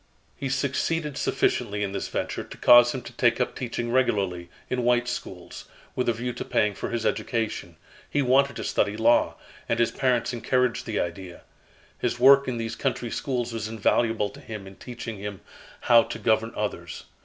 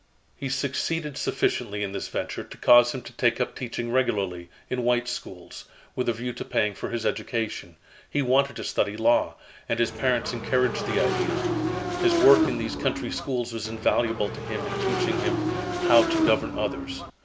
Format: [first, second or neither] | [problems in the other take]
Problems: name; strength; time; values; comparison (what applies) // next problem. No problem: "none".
first | background sound (Motorcycle / Engine); 1 dB below the speech